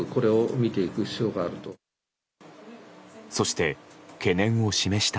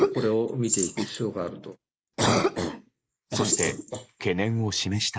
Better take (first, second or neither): first